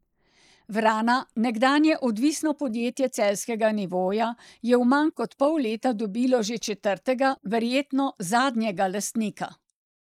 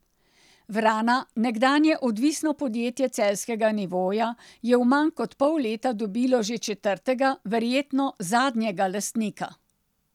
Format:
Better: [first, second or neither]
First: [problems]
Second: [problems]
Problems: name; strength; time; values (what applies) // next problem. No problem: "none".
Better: second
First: noise reduction (neural mask model Resemble Enhance denoiser)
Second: none